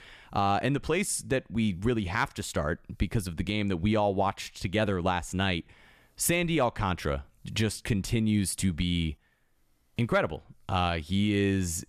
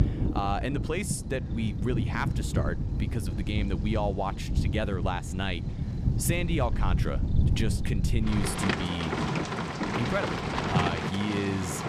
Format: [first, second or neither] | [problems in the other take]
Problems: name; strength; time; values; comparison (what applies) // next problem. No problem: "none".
first | rain or running water; very loud; throughout; 2 dB above the speech